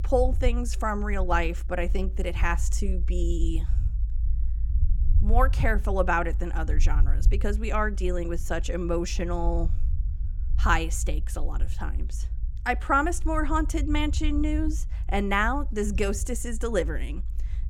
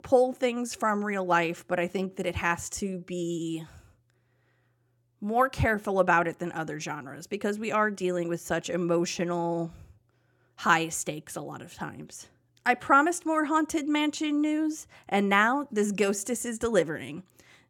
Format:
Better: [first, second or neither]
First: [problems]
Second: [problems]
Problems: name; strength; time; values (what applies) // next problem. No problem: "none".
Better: second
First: low rumble; faint; throughout; 20 dB below the speech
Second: none